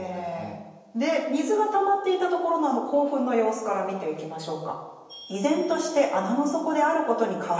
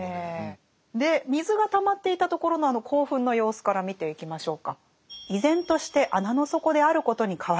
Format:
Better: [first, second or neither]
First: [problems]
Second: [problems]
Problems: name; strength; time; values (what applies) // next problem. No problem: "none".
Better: second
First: room echo; dies away in 1 s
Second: none